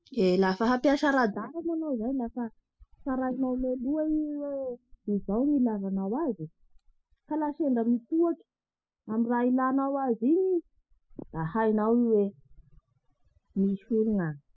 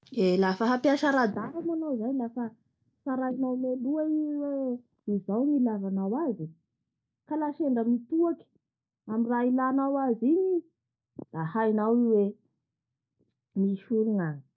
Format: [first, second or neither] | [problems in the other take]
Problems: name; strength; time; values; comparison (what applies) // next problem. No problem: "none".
second | noise reduction (classical method spectral subtraction)